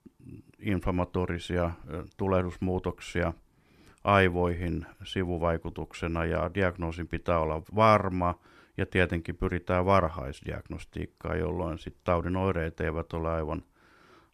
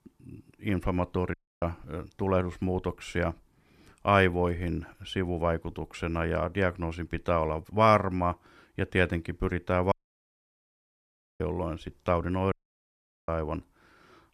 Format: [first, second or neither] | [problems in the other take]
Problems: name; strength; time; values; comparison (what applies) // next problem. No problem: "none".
first | audio cutting out; at 1.5 s, at 10 s for 1.5 s and at 13 s for 1 s